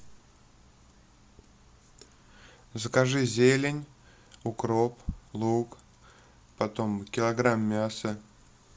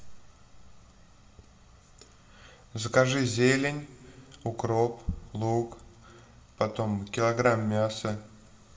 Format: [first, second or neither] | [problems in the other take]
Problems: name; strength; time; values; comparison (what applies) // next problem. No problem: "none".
first | room echo; dies away in 0.7 s